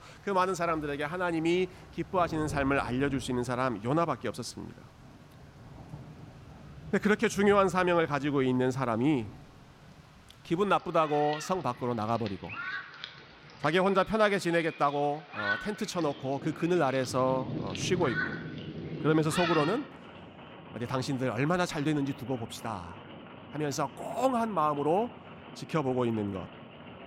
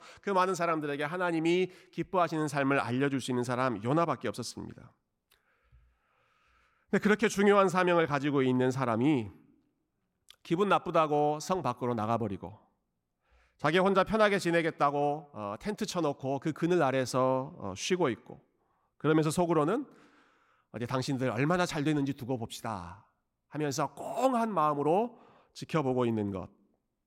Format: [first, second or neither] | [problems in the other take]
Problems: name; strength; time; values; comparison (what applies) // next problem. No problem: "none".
second | rain or running water; noticeable; throughout; 10 dB below the speech